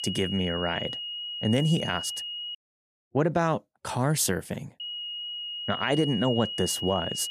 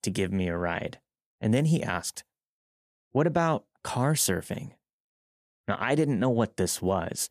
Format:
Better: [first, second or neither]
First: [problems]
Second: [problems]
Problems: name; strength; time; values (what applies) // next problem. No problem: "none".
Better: second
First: high-pitched whine; loud; until 2.5 s and from 5 s on; 3 kHz, 5 dB below the speech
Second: none